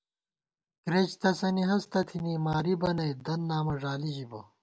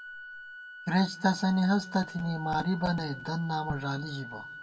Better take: first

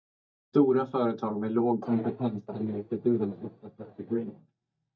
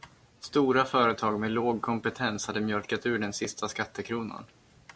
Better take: second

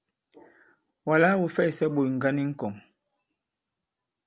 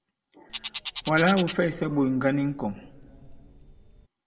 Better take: first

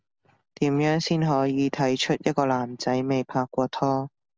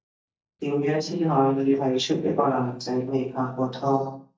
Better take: first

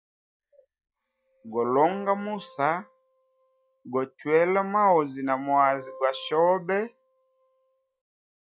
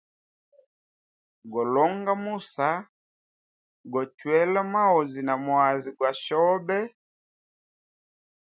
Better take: second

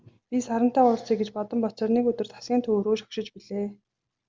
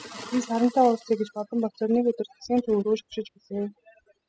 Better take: first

